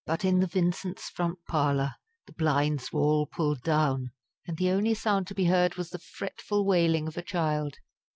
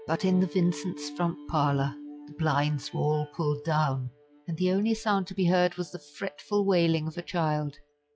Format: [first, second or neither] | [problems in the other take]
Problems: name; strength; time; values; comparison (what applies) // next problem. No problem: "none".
first | noise reduction (classical method log-MMSE)